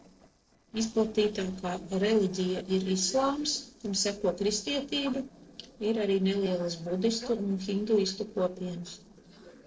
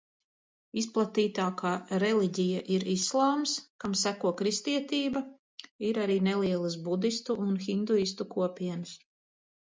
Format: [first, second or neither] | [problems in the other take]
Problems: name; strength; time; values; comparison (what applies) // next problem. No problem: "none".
second | noise reduction (neural separator model SepFormer DNS4)